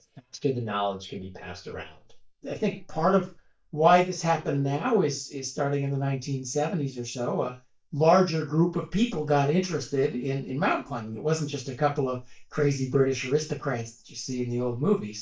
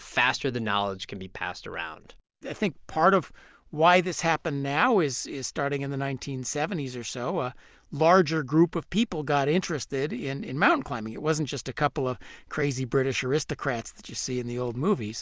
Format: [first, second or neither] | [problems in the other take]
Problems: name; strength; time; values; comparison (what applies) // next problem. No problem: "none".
second | noise reduction (neural mask model DeepFilterNet 3)